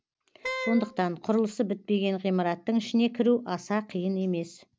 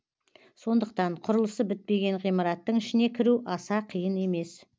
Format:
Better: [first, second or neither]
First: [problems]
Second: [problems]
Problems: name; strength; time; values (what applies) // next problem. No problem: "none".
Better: second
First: background sound (Wind instrument, woodwind instrument); 8 dB below the speech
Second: none